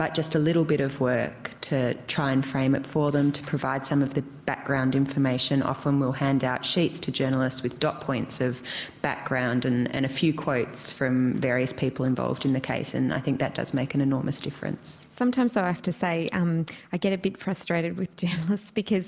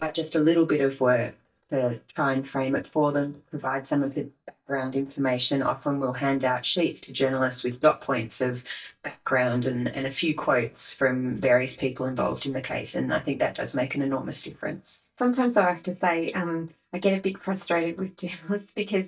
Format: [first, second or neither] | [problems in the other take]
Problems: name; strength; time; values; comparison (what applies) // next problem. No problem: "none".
first | noise reduction (neural mask model DeepFilterNet 3)